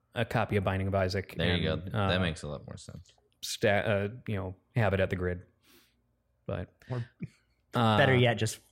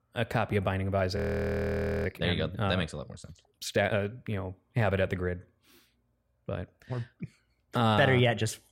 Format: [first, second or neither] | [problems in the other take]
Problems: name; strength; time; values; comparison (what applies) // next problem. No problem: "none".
first | audio freezing; at 1 s for 1 s